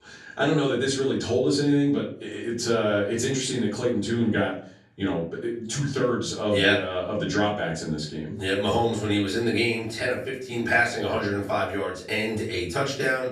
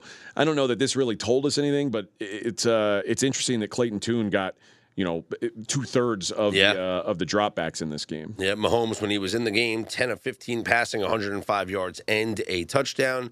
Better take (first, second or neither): second